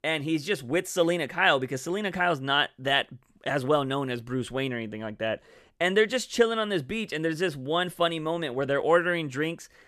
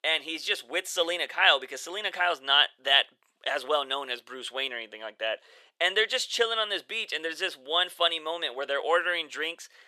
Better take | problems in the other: first | thin; very; fading below 500 Hz

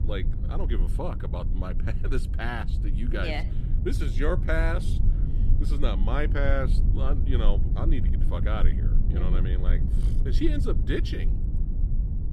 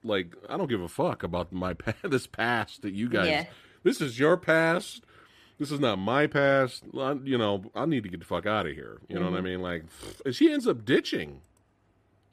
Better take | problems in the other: second | low rumble; loud; throughout; 9 dB below the speech

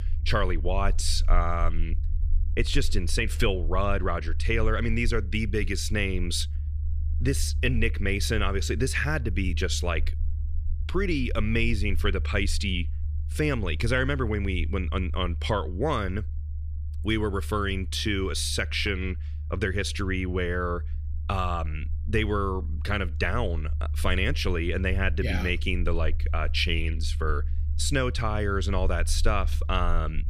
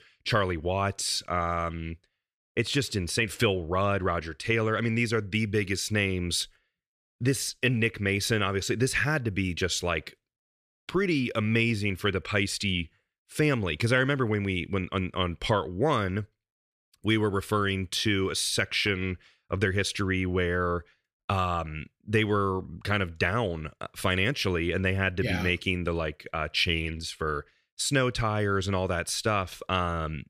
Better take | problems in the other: second | low rumble; faint; throughout; 20 dB below the speech

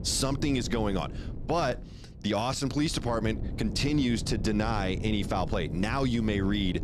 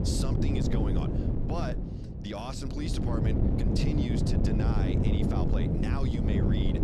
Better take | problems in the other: first | wind noise on the microphone; heavy; 2 dB above the speech; occasional gusts in the first

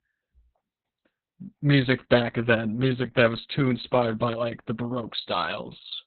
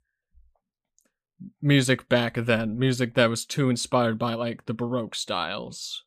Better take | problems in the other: second | garbled, watery; badly; nothing above 4 kHz

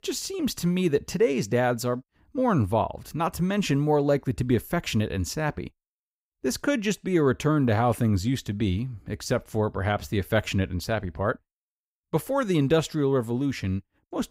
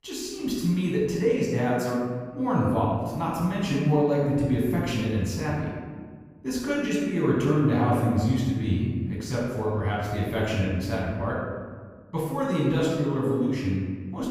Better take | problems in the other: first | off-mic speech; far // room echo; noticeable; dies away in 1.5 s

